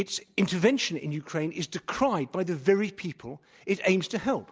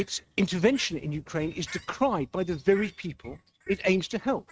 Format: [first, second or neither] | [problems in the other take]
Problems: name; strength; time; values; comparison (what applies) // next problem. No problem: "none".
first | noise reduction (neural mask model RNNoise)